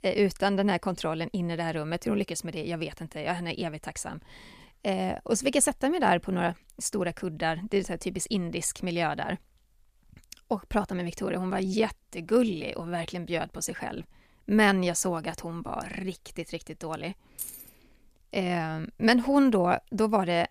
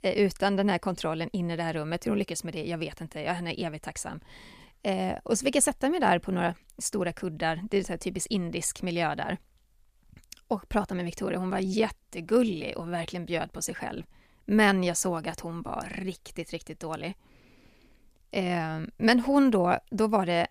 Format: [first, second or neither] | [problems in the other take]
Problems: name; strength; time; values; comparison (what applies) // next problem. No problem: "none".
second | jangling keys; noticeable; at 17 s; peak 9 dB below the speech